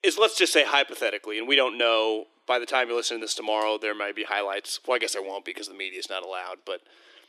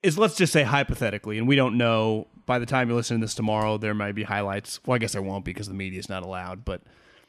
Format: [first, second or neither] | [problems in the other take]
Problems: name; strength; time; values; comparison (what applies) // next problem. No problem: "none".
second | thin; very; fading below 300 Hz